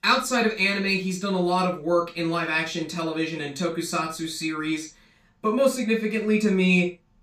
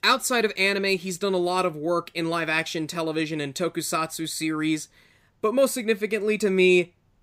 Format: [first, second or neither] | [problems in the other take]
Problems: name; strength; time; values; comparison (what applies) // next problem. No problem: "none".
second | room echo; slight; dies away in 0.3 s // off-mic speech; far